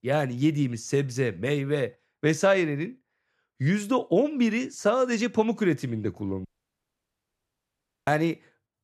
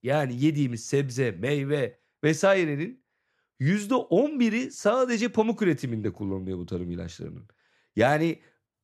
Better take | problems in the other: second | audio cutting out; at 6.5 s for 1.5 s

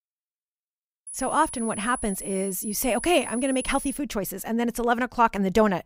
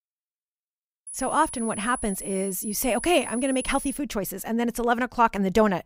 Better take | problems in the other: neither | high-pitched whine; loud; from 1 to 4 s; 10.5 kHz, 9 dB below the speech; the same in both

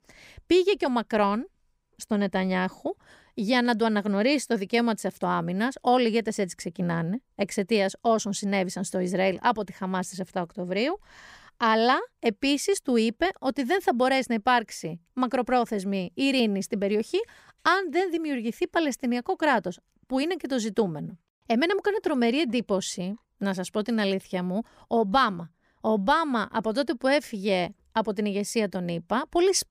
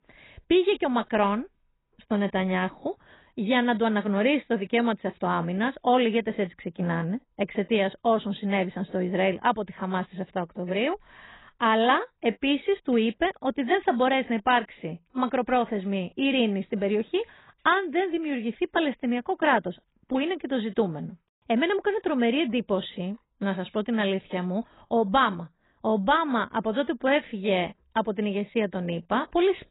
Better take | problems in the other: first | garbled, watery; badly; nothing above 4 kHz

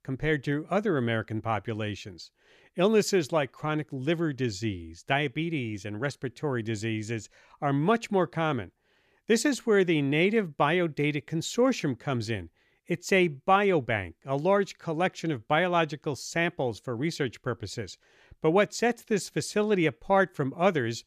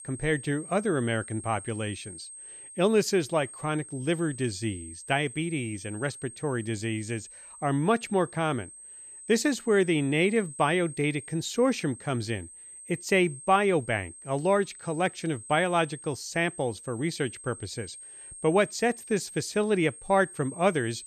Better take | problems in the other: first | high-pitched whine; noticeable; throughout; 8.5 kHz, 15 dB below the speech

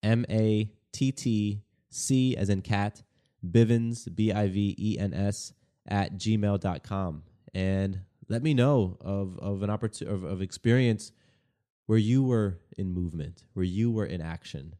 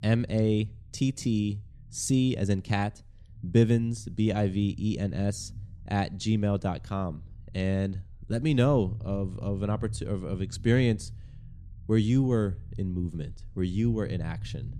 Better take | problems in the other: first | low rumble; faint; throughout; 25 dB below the speech

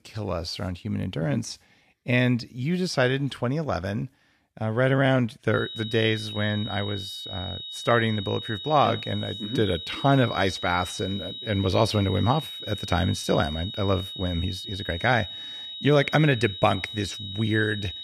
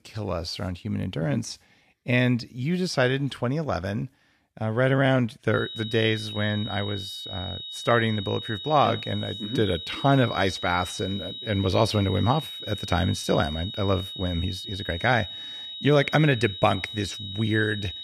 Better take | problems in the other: neither | high-pitched whine; loud; from 5.5 s on; 4 kHz, 9 dB below the speech; the same in both

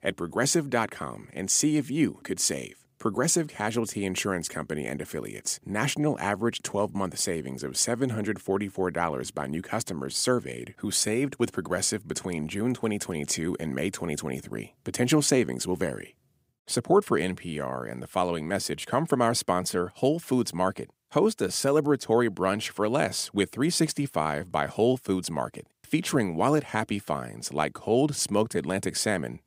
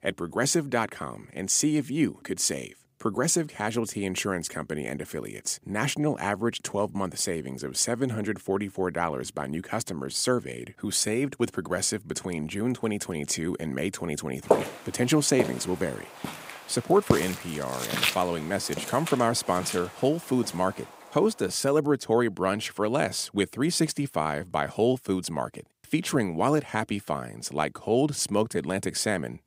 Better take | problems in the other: first | footsteps; loud; from 15 to 19 s; peak 3 dB above the speech

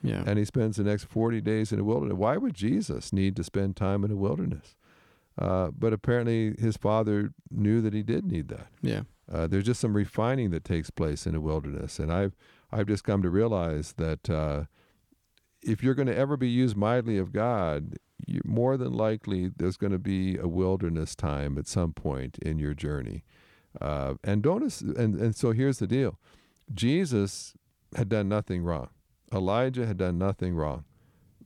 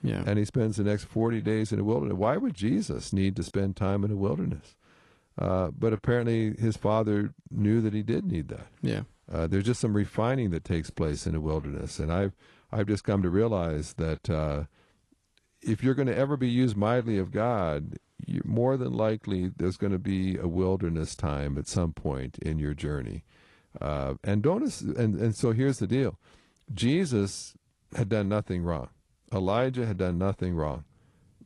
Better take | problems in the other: first | garbled, watery; slightly

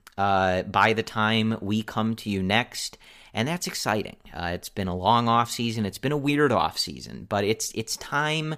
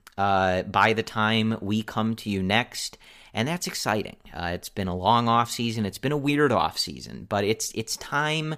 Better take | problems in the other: neither | none

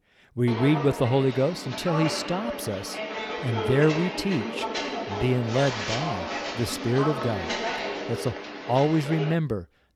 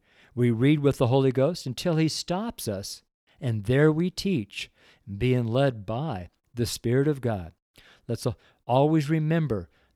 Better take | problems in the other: second | footsteps; noticeable; until 9.5 s; peak 2 dB below the speech

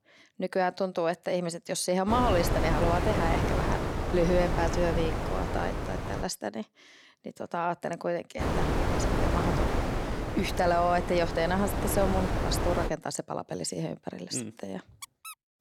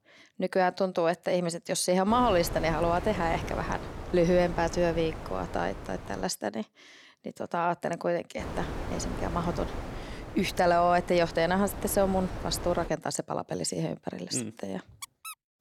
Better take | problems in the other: second | wind noise on the microphone; heavy; from 2 to 6 s and from 8.5 to 13 s; 3 dB below the speech; occasional gusts in the second

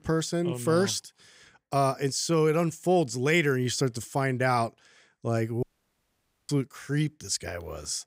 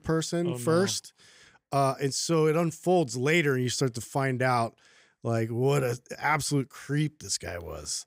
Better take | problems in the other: second | audio cutting out; at 5.5 s for 1 s

